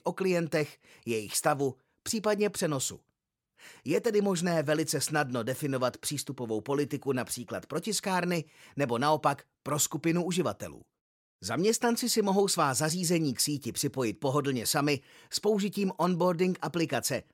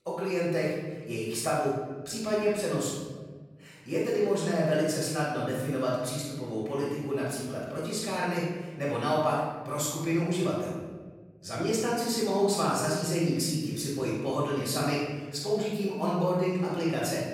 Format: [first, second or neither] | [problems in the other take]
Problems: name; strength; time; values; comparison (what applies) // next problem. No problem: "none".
first | off-mic speech; far // room echo; strong; dies away in 1.3 s